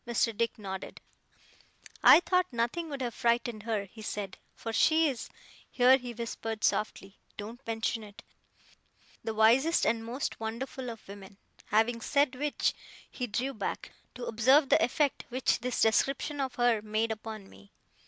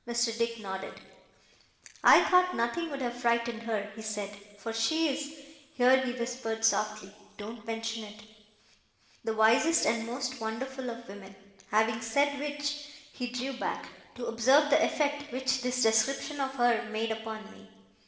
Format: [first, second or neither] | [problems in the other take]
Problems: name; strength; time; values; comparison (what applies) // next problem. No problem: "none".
first | room echo; dies away in 1.2 s